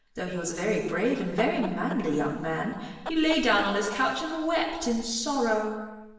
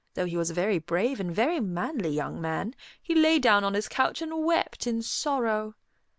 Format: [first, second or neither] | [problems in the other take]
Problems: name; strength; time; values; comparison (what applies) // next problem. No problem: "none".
second | background sound (Chicken, rooster); 16 dB below the speech // room echo; dies away in 1.2 s